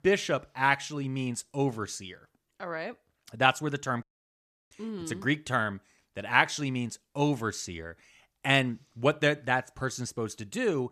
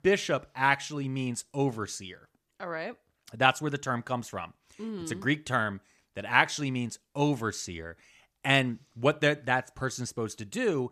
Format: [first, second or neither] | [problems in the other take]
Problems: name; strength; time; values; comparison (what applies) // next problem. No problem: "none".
second | audio cutting out; at 4 s for 0.5 s